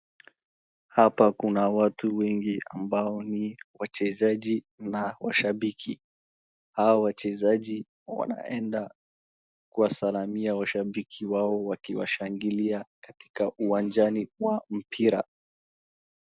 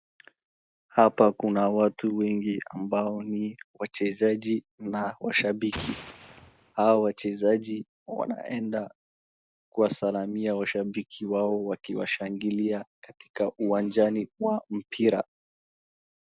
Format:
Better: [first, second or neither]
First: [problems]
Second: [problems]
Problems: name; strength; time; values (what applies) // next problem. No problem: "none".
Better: first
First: none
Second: background sound (Explosion); 13 dB below the speech